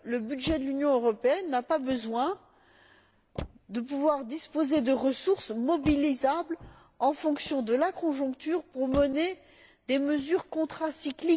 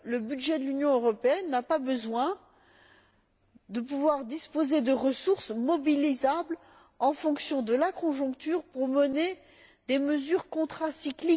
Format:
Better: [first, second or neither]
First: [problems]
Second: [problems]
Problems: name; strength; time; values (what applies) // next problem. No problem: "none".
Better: second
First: background sound (Motor vehicle (road)); 18 dB below the speech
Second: none